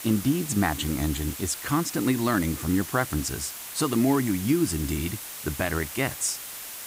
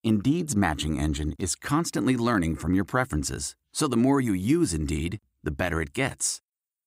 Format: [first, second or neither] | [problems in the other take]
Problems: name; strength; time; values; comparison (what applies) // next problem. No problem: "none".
second | hiss; loud; throughout; 8 dB below the speech